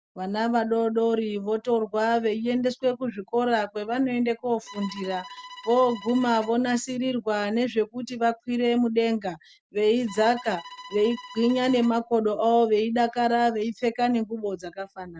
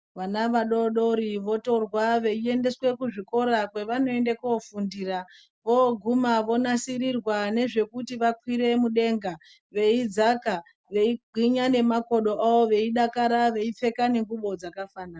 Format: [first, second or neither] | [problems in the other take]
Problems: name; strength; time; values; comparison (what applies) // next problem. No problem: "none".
second | background sound (Bowed string instrument); 19 dB below the speech